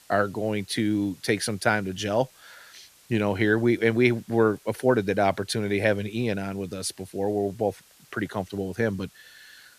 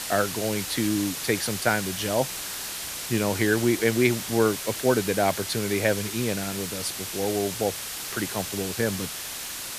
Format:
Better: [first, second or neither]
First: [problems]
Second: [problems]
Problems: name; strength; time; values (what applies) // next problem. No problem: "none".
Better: first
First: hiss; faint; throughout; 30 dB below the speech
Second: hiss; loud; throughout; 5 dB below the speech